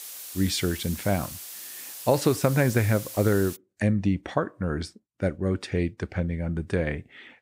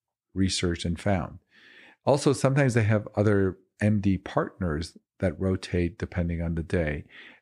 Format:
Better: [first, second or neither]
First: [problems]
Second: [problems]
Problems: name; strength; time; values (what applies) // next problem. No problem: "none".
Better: second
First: hiss; noticeable; until 3.5 s; 10 dB below the speech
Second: none